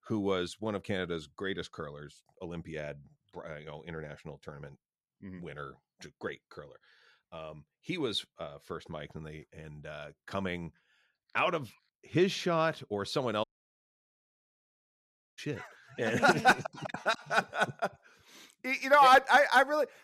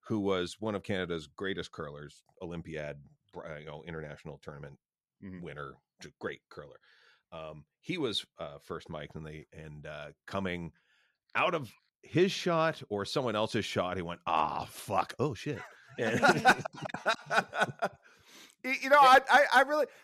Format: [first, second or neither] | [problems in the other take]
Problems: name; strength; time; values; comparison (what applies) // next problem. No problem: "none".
second | audio cutting out; at 13 s for 2 s